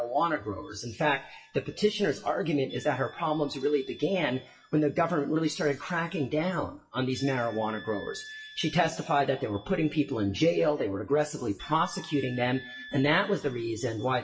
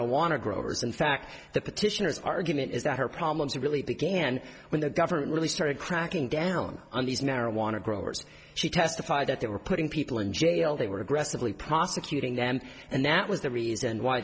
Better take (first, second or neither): second